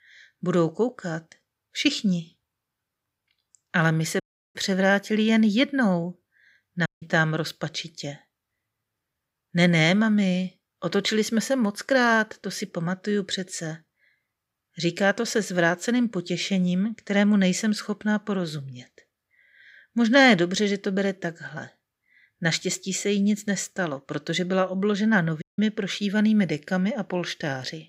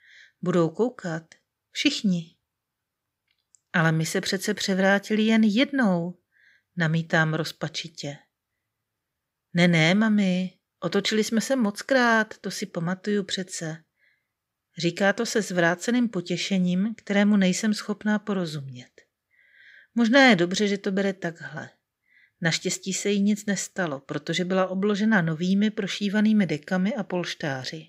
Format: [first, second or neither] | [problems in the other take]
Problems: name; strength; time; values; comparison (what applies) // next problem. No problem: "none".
second | audio cutting out; at 4 s, at 7 s and at 25 s